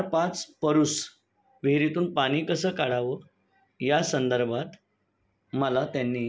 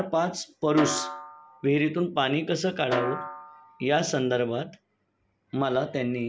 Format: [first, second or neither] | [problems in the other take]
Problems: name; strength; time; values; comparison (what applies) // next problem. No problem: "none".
first | background sound (Snare drum); 9 dB below the speech